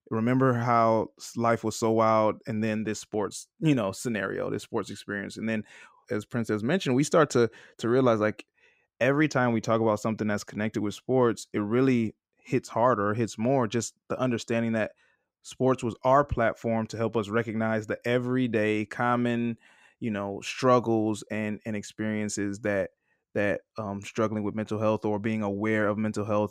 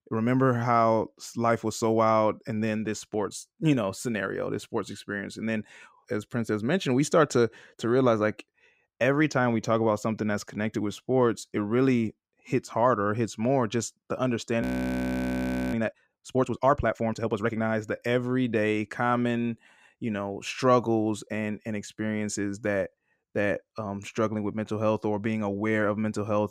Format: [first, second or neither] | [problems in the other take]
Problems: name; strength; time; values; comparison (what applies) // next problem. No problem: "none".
first | audio freezing; at 15 s for 1 s